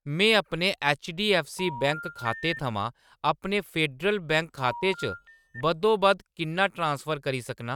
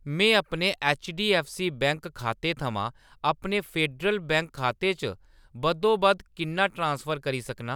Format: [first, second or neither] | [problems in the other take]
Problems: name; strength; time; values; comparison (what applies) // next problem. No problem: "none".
second | noise reduction (neural mask model RNNoise)